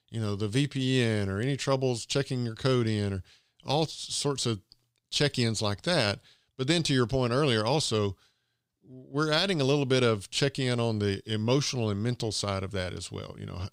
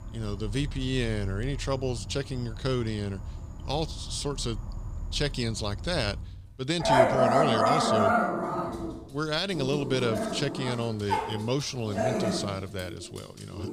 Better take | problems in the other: first | animal sounds; very loud; throughout; 1 dB above the speech

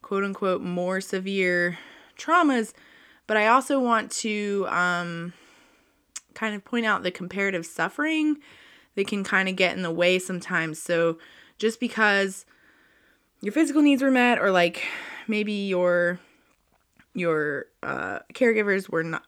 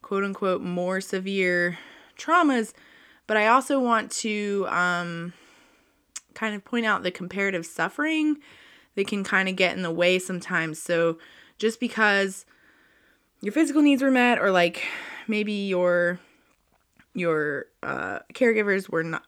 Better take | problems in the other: neither | none

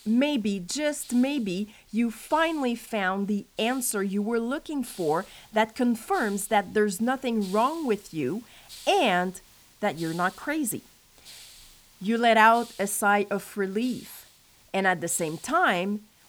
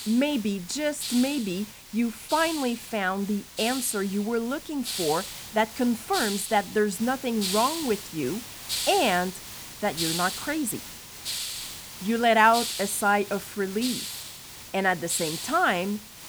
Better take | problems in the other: first | hiss; loud; throughout; 7 dB below the speech; faint in the first

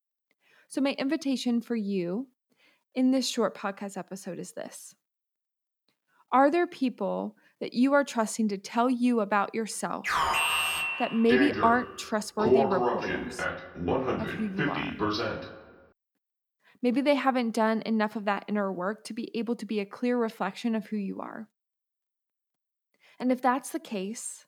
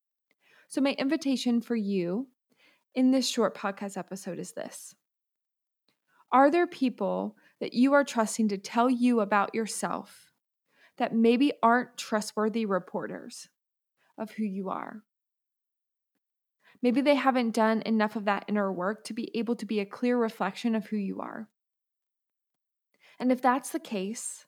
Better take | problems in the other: second | alarm; loud; from 10 to 15 s; peak 5 dB above the speech

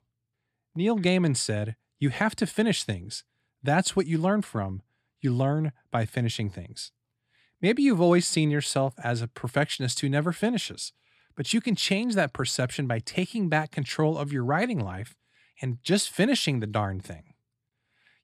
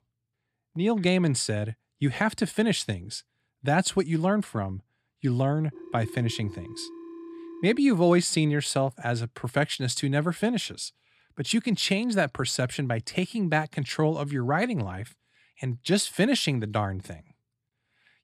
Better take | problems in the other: first | phone ringing; faint; from 5.5 to 8 s; peak 15 dB below the speech

